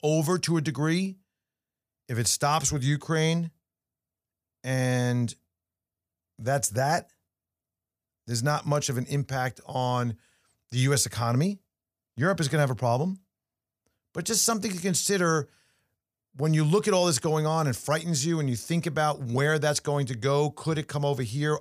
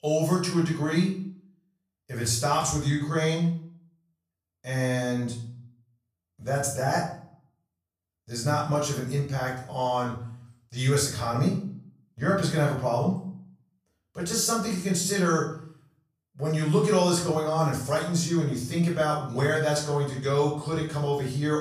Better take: first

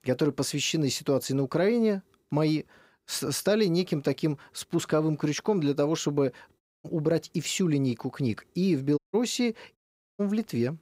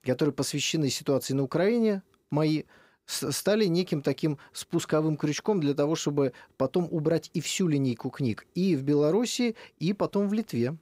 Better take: second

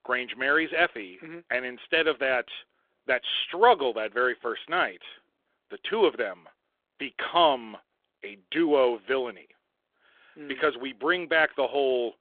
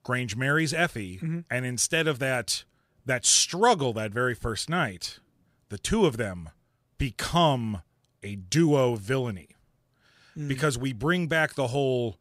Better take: second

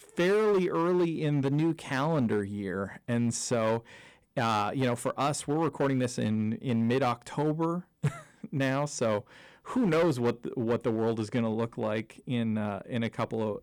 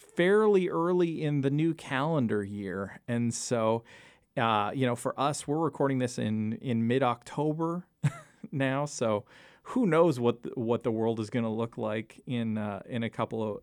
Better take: second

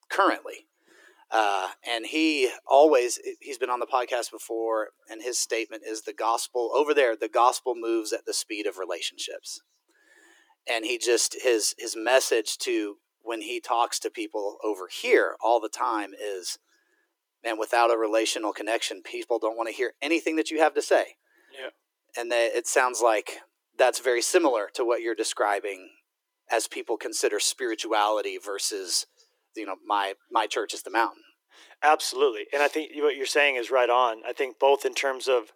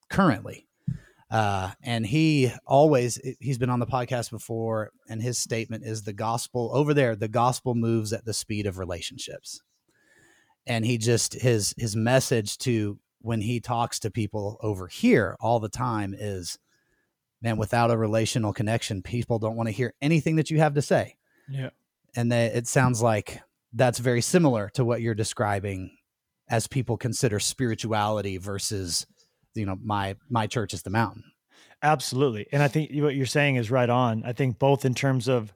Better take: second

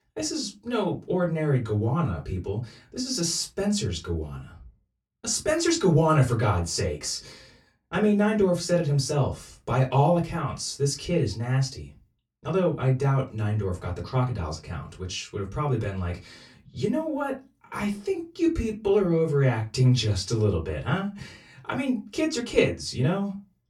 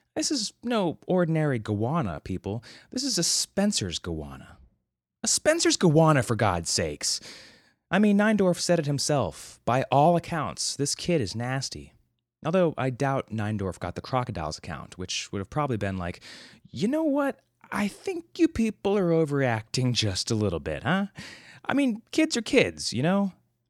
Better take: second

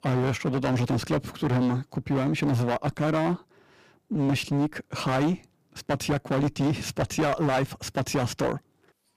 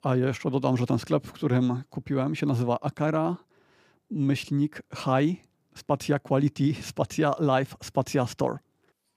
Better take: second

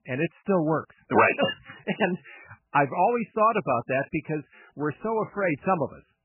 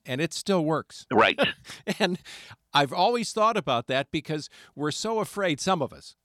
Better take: second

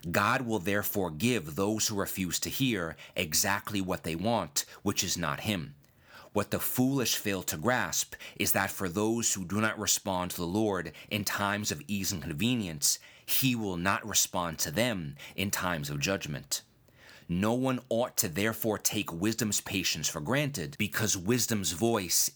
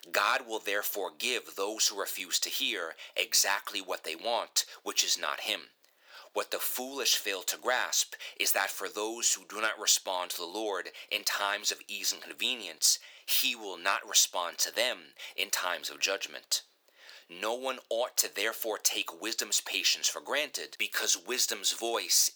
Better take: first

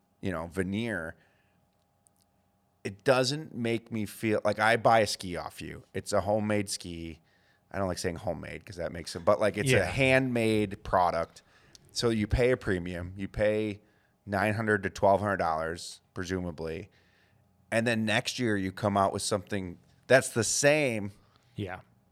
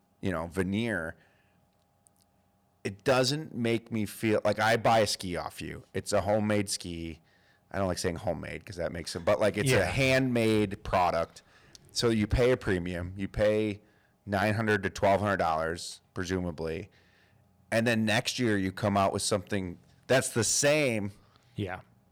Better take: first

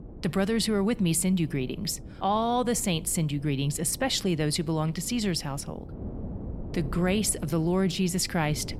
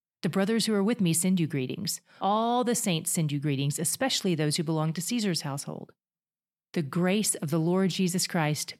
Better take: second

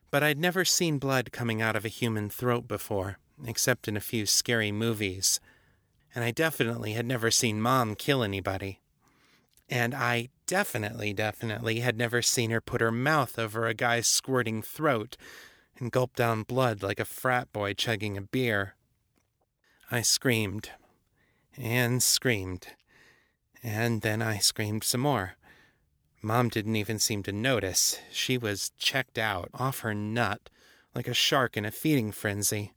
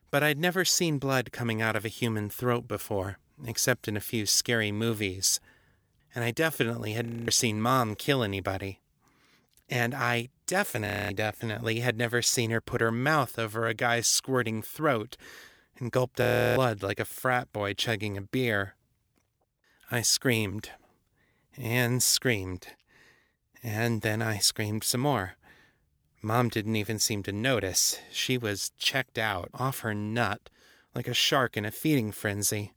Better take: first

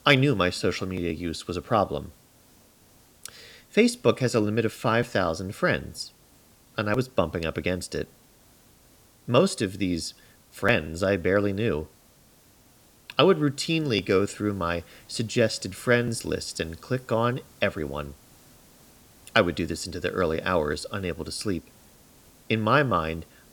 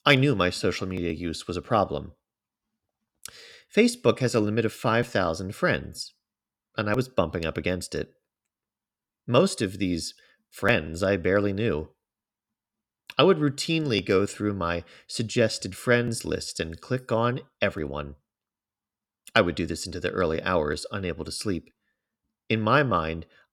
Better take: second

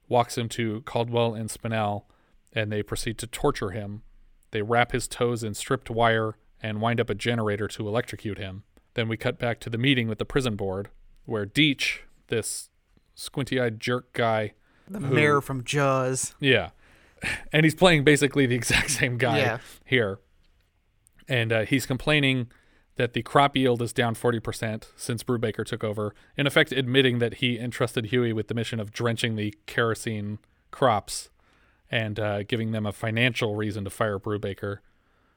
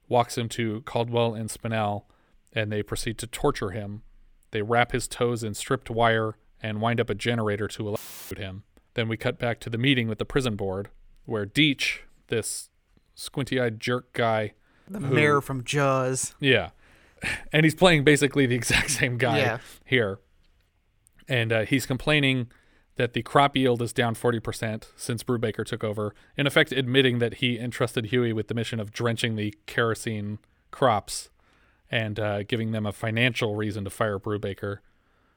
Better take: first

